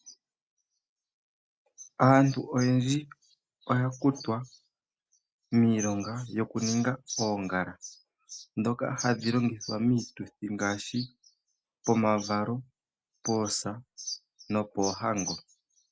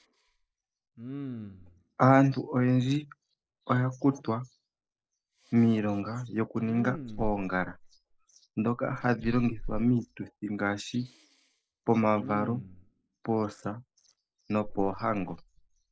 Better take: first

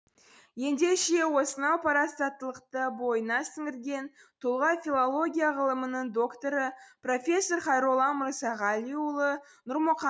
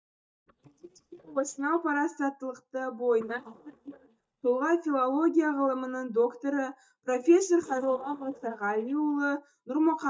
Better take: first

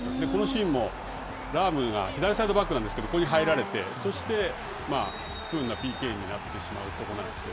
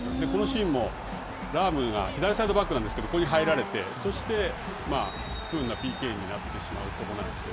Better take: first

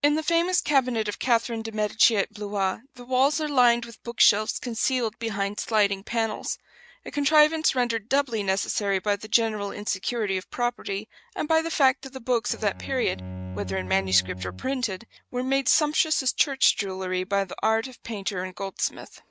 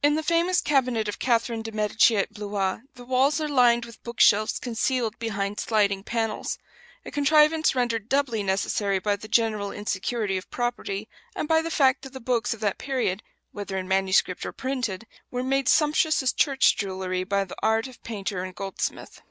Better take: second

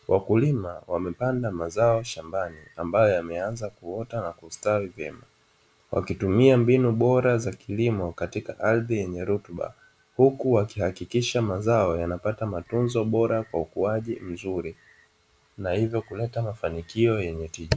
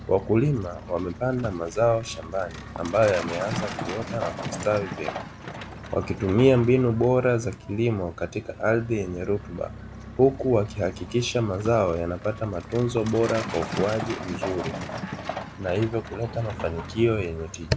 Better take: first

